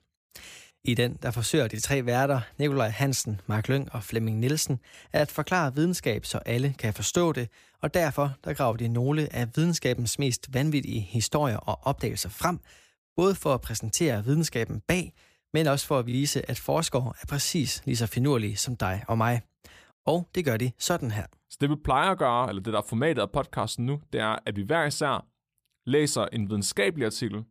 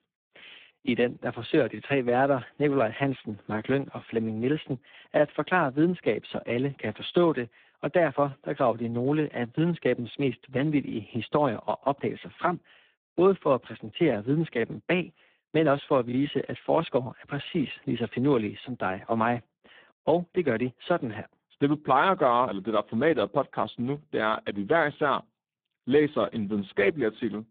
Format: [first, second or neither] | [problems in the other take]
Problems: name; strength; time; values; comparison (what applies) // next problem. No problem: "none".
first | phone-call audio; poor line; nothing above 3.5 kHz